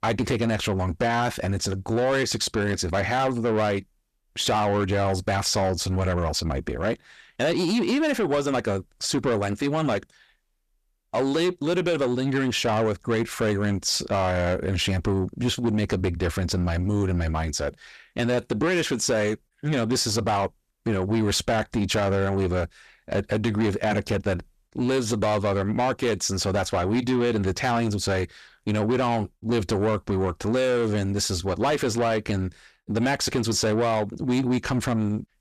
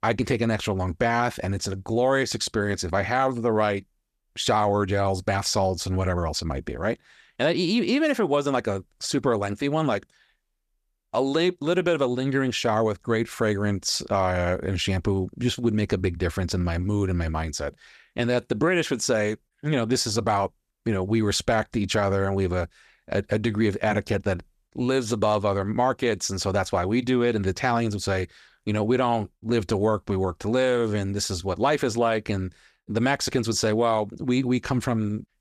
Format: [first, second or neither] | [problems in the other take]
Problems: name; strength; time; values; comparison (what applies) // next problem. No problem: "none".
second | distortion; slight; 10 dB below the speech